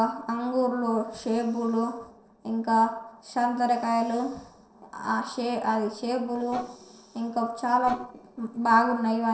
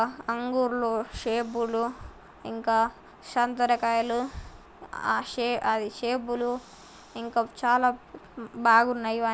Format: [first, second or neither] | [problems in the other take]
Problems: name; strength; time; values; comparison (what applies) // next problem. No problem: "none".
second | noise reduction (neural separator model SepFormer DNS4)